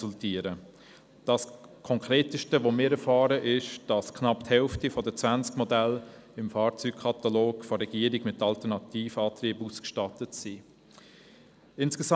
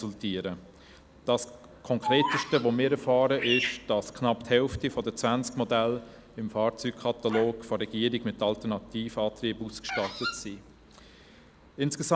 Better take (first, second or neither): first